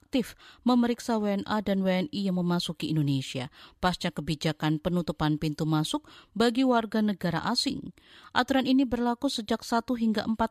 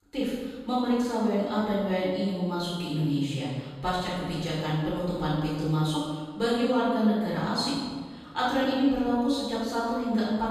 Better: first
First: none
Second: off-mic speech; far // room echo; strong; dies away in 1.3 s

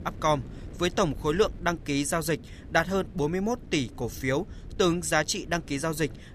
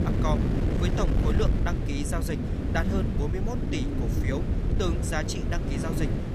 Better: first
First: wind noise on the microphone; occasional gusts; 25 dB below the speech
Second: wind noise on the microphone; heavy; 2 dB below the speech

